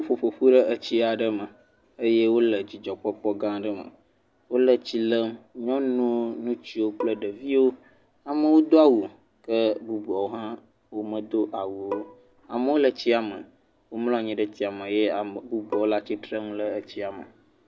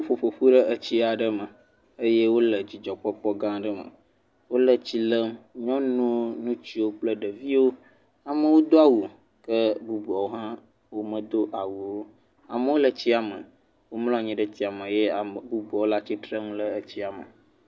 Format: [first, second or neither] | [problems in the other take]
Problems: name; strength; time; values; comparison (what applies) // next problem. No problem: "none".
second | background sound (Bowed string instrument); 15 dB below the speech